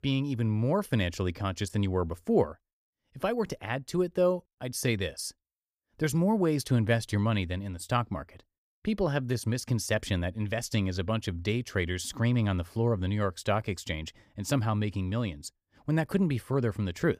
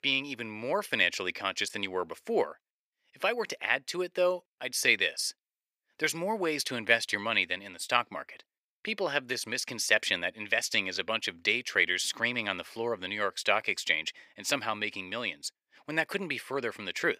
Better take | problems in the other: first | thin; very; fading below 450 Hz

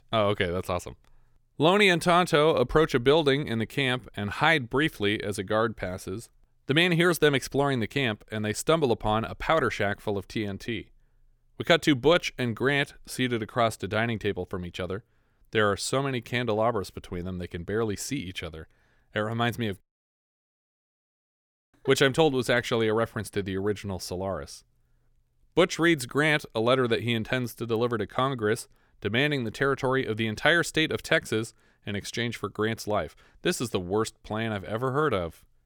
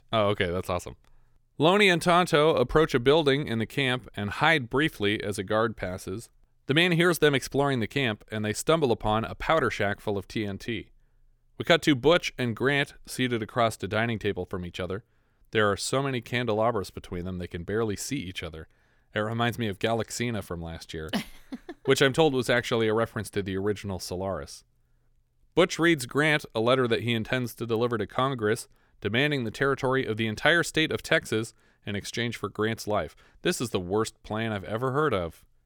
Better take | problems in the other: second | audio cutting out; at 20 s for 2 s

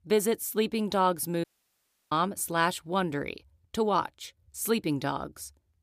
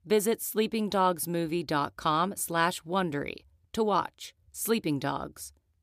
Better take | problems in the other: second | audio cutting out; at 1.5 s for 0.5 s

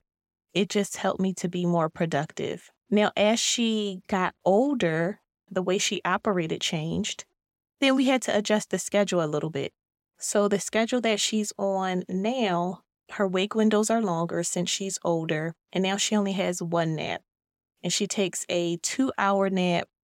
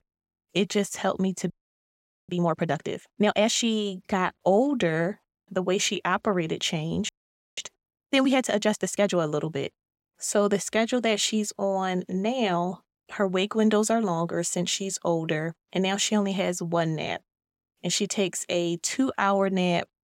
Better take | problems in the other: first | audio freezing; at 1.5 s for 1 s and at 7 s

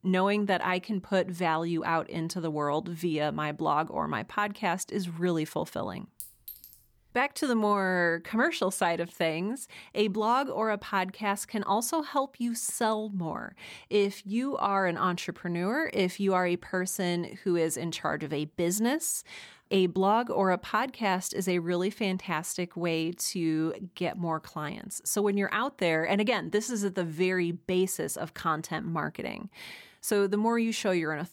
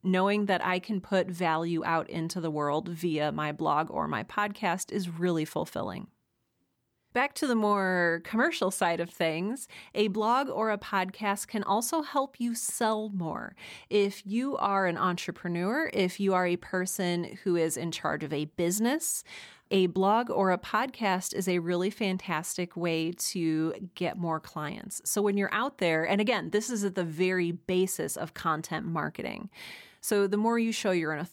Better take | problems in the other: second | clattering dishes; faint; at 6 s; peak 15 dB below the speech

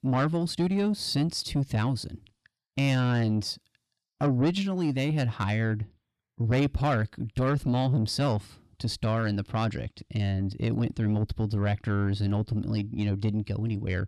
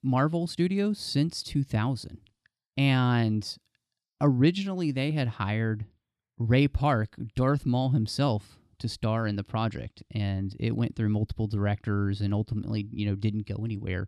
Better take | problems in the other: second | distortion; slight; 10 dB below the speech

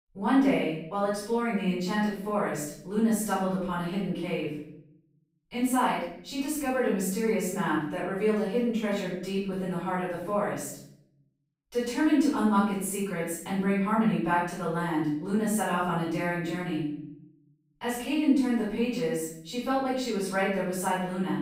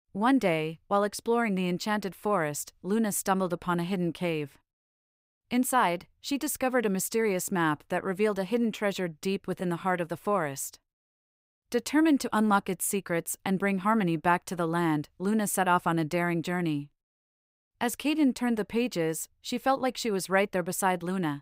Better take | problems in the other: second | off-mic speech; far // room echo; noticeable; dies away in 0.6 s

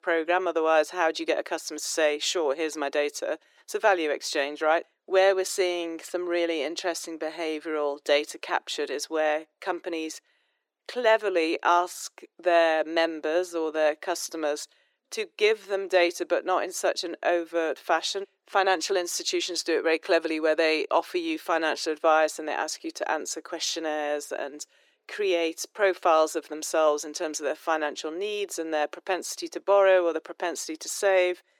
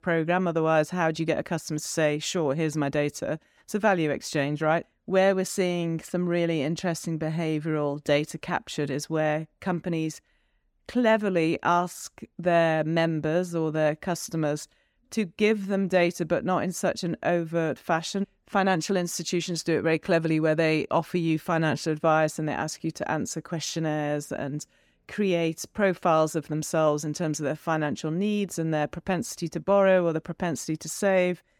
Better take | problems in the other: second | thin; very; fading below 350 Hz

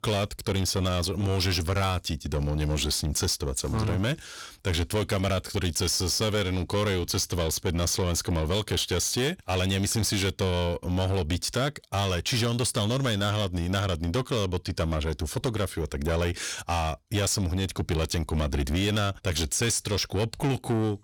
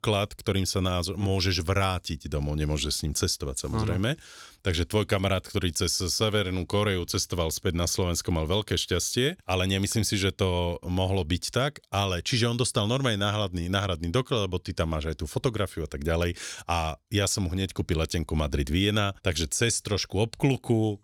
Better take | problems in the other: second | distortion; slight; 10 dB below the speech

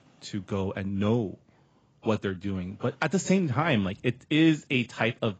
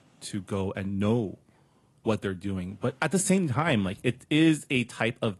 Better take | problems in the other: second | garbled, watery; badly; nothing above 7.5 kHz; slightly in the second

